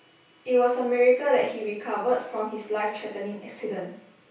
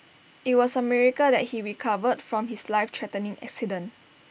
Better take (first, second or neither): second